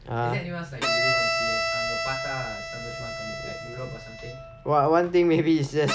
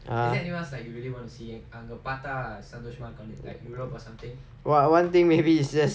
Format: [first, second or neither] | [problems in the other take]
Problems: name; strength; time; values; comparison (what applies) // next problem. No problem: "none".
second | background sound (Bowed string instrument); 3 dB below the speech